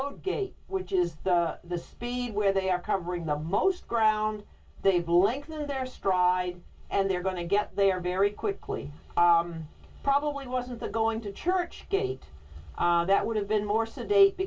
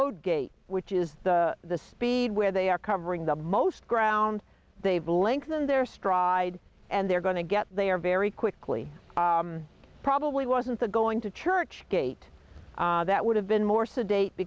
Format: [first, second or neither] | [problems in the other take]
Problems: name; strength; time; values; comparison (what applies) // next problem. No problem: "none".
second | room echo; dies away in 0.1 s